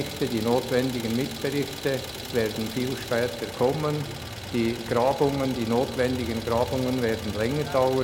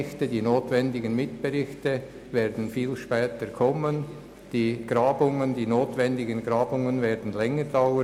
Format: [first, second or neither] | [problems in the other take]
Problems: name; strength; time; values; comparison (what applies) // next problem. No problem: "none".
second | background sound (Idling); 10 dB below the speech